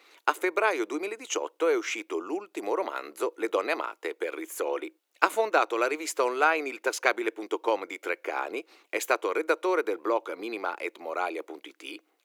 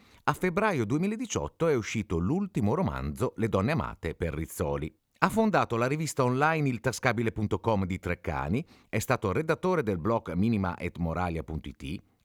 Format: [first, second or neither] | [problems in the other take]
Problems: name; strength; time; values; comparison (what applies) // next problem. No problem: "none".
second | thin; very; fading below 300 Hz